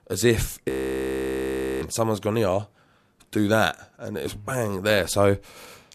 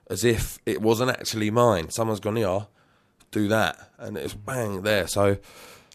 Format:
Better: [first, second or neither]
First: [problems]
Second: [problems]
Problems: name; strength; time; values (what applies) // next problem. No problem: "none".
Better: second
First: audio freezing; at 0.5 s for 1 s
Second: none